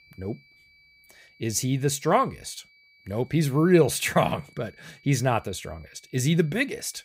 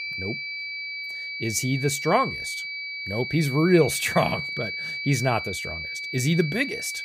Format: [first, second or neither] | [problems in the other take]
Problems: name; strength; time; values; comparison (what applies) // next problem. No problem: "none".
first | high-pitched whine; loud; throughout; 2.5 kHz, 5 dB below the speech; faint in the first